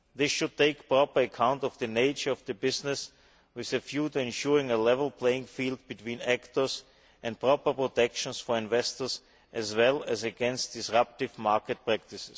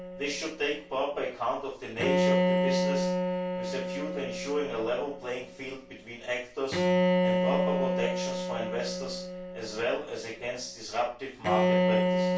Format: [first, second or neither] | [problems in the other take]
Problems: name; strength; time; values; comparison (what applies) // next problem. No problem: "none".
first | background sound (Bowed string instrument); 4 dB above the speech // room echo; dies away in 0.3 s